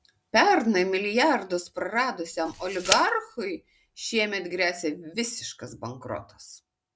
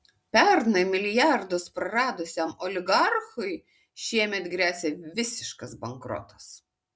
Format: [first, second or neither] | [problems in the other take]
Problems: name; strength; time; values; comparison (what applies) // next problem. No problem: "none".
second | background sound (Tick); 8 dB below the speech